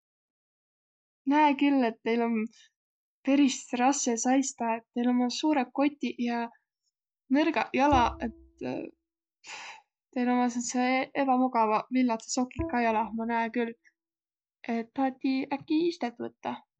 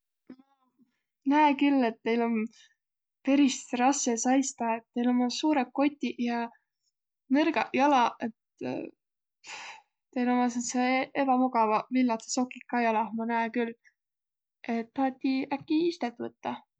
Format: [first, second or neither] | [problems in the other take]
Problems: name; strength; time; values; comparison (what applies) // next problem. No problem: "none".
second | noise reduction (neural mask model DeepFilterNet 3)